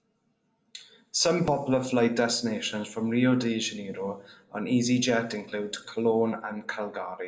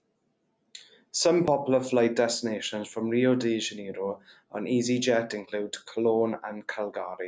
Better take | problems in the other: second | room echo; dies away in 0.5 s

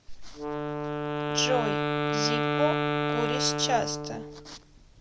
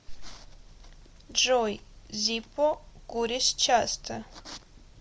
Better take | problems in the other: second | background sound (Wind instrument, woodwind instrument); 3 dB above the speech

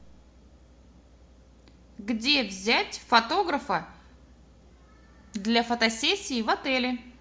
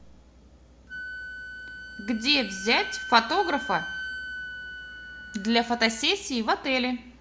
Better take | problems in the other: first | background sound (Wind instrument, woodwind instrument); 11 dB below the speech

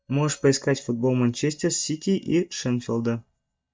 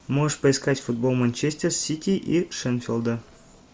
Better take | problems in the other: second | noise reduction (neural mask model DeepFilterNet 3)

